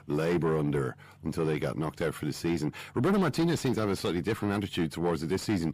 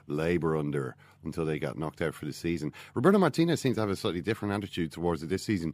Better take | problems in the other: second | distortion; heavy; 7 dB below the speech

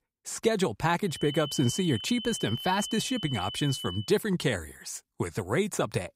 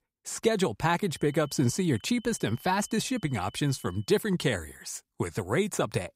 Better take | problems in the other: second | high-pitched whine; loud; from 1 to 4 s; 3 kHz, 8 dB below the speech; faint in the second

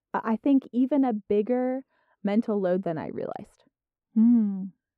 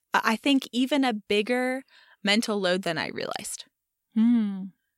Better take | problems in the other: second | muffled; very; fading above 2 kHz

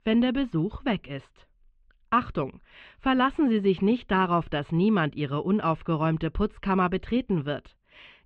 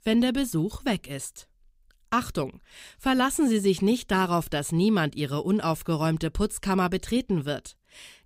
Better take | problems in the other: second | muffled; very; fading above 3 kHz

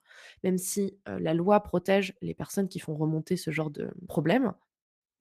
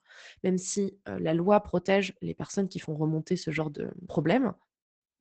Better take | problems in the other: first | garbled, watery; badly; nothing above 8 kHz; slightly in the first

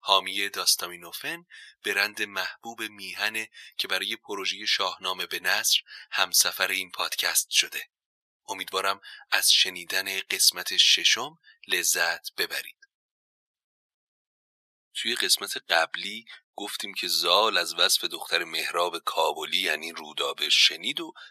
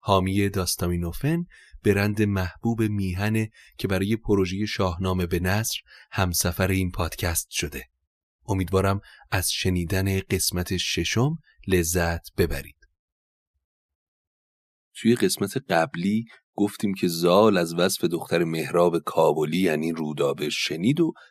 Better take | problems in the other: second | thin; very; fading below 900 Hz

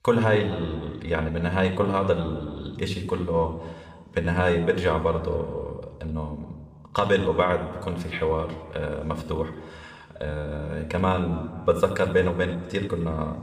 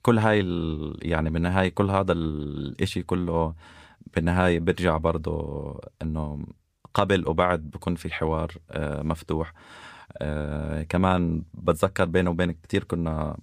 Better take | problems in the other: second | room echo; slight; dies away in 1.5 s // off-mic speech; somewhat distant

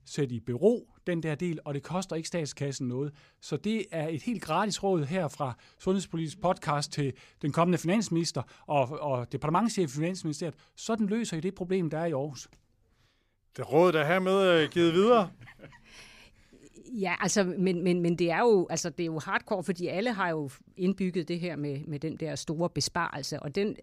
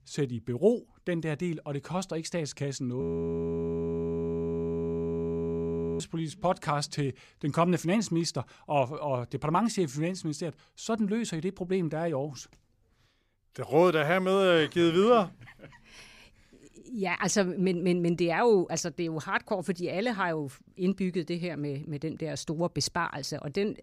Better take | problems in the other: first | audio freezing; at 3 s for 3 s

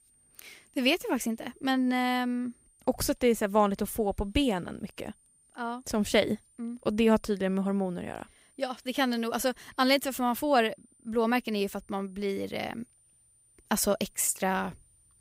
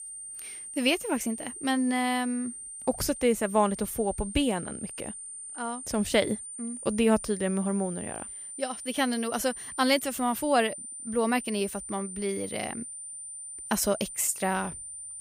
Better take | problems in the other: first | high-pitched whine; loud; throughout; 9 kHz, 9 dB below the speech; faint in the first

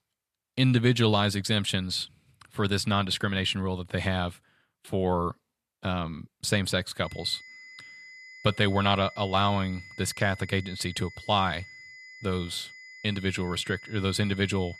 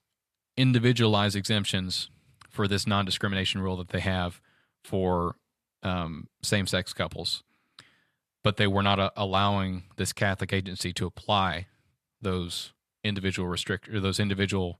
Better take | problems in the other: second | high-pitched whine; noticeable; from 7 s on; 2 kHz, 15 dB below the speech

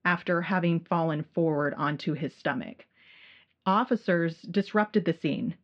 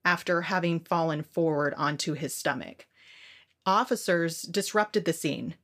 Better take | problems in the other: second | muffled; slightly; fading above 3.5 kHz

